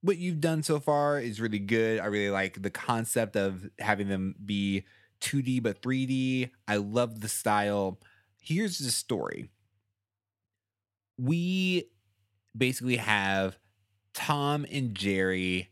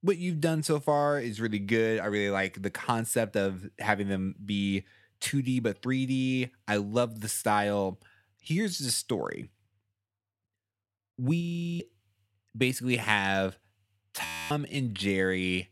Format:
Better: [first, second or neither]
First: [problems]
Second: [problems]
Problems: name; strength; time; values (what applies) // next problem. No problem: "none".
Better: first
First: none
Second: audio freezing; at 11 s and at 14 s